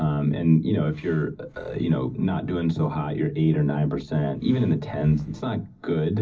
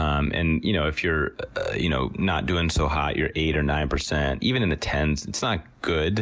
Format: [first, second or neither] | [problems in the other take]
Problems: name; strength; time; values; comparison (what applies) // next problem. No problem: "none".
second | noise reduction (neural separator model SepFormer DNS4)